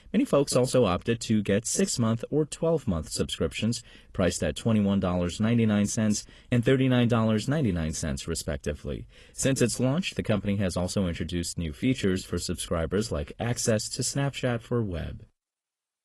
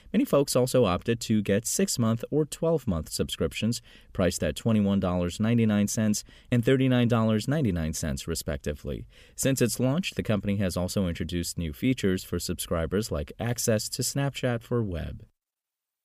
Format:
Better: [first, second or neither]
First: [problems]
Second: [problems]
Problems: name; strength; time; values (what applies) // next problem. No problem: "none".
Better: second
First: garbled, watery; slightly; nothing above 11 kHz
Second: none